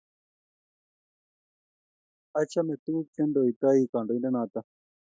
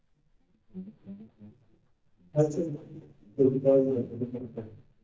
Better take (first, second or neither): first